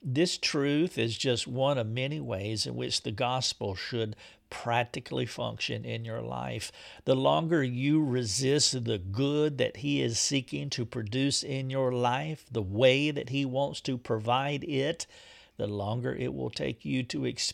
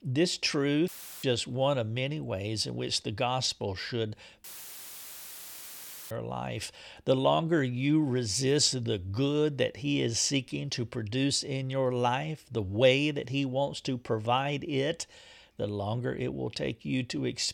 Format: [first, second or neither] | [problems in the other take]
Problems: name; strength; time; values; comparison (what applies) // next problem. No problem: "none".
first | audio cutting out; filled with static; at 1 s and at 4.5 s for 1.5 s